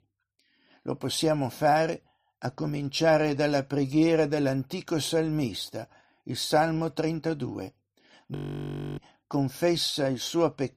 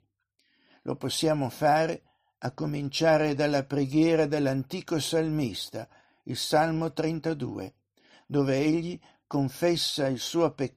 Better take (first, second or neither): second